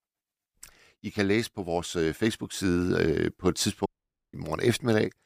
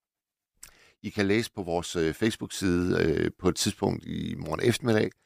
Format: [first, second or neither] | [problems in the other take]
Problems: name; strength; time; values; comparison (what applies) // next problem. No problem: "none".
second | audio cutting out; at 4 s